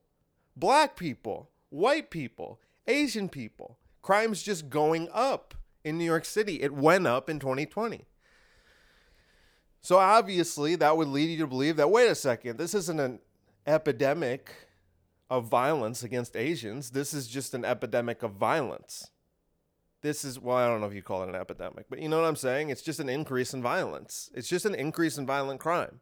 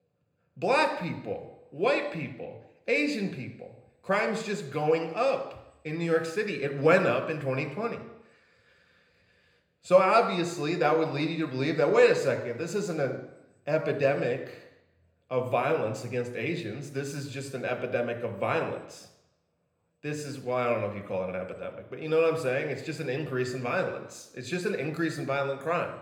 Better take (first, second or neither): first